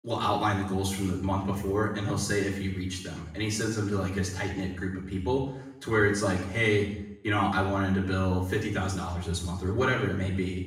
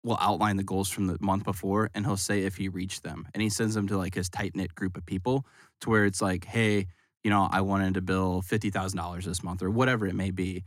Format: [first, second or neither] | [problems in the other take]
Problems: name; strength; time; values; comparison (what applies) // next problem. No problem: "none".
second | room echo; noticeable; dies away in 0.7 s // off-mic speech; far